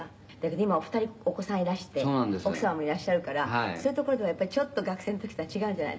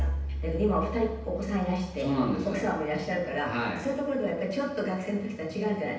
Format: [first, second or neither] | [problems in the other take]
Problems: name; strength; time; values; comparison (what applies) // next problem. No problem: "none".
first | background sound (Bowed string instrument); 9 dB below the speech // room echo; dies away in 0.9 s